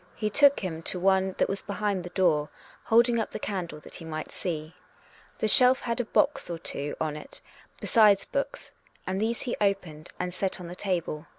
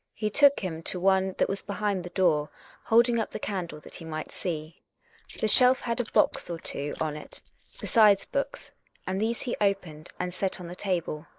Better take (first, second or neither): first